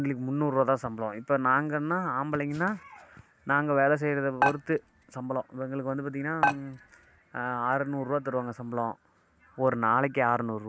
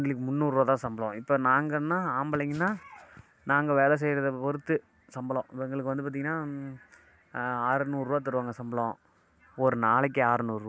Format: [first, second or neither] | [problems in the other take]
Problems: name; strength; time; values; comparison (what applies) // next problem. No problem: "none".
second | background sound (Dishes, pots, and pans); 3 dB below the speech